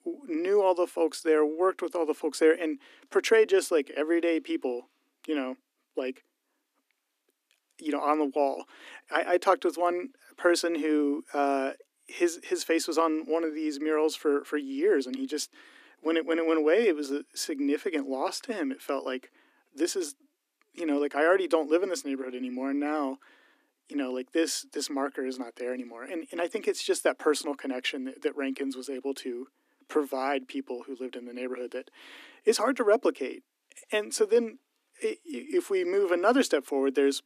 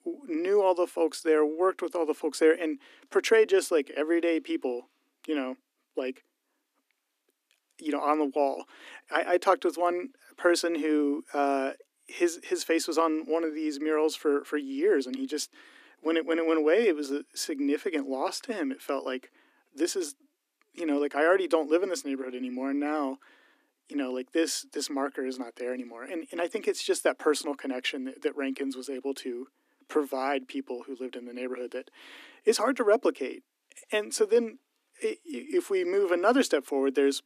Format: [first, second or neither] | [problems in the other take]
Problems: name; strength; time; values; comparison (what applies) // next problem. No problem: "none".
neither | thin; somewhat; fading below 250 Hz; the same in both